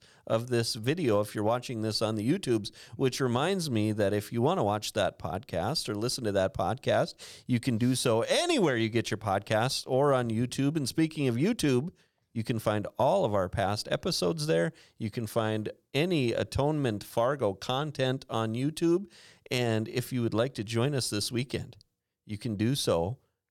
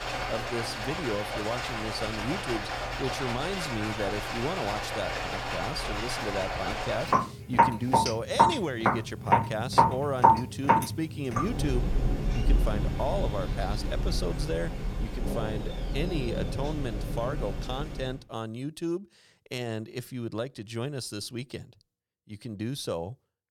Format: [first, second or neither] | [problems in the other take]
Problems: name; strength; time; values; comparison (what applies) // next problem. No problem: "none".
first | rain or running water; very loud; until 18 s; 5 dB above the speech